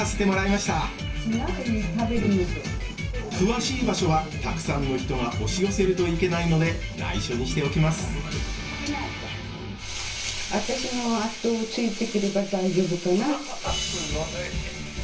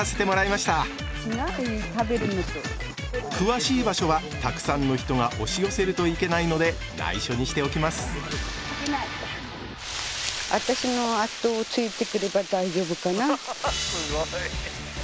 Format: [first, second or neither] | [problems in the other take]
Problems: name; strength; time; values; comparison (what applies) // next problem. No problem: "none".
second | room echo; dies away in 0.3 s